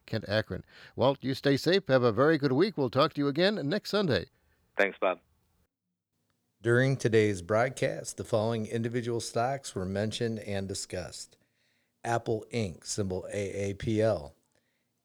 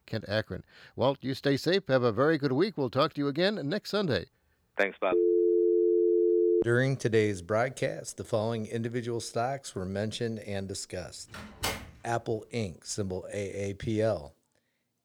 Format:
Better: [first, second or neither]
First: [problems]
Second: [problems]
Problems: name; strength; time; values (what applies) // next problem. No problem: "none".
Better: first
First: none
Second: phone ringing; loud; from 5 to 6.5 s; peak 6 dB above the speech // door banging; noticeable; at 11 s; peak 3 dB below the speech